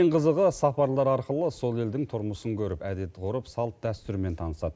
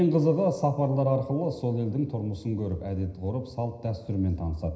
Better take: first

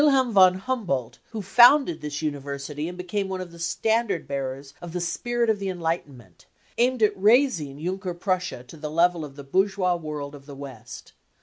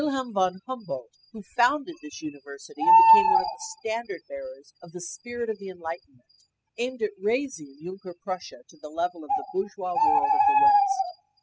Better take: first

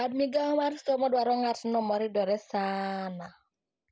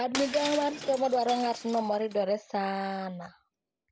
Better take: first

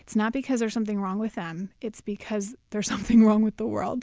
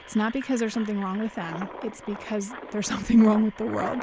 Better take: first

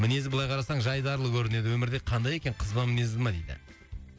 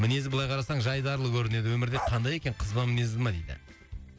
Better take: first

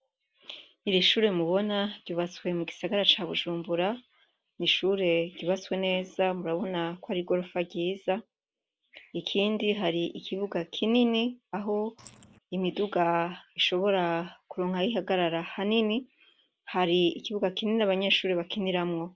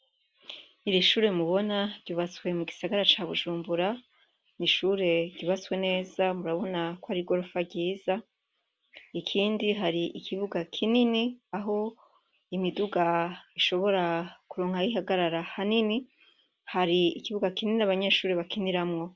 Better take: second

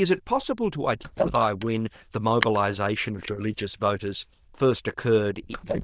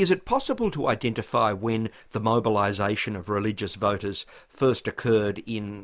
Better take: second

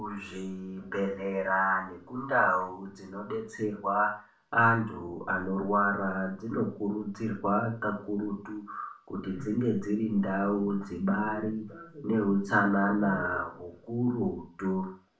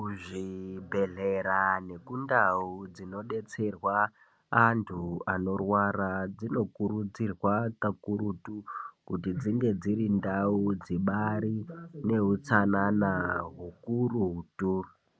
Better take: second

